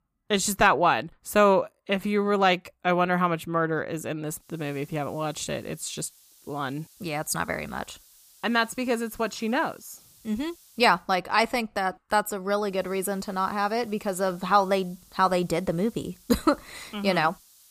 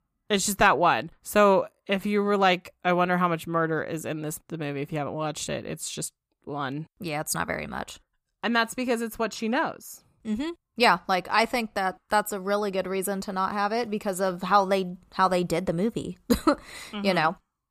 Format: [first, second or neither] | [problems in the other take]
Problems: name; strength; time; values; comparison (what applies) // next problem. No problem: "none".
second | hiss; faint; from 4.5 to 11 s and from 13 s on; 25 dB below the speech